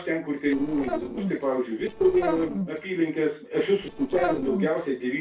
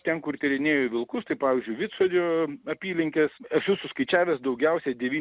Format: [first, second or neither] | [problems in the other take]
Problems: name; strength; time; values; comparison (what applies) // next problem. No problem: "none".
second | noise reduction (neural separator model SepFormer DNS4)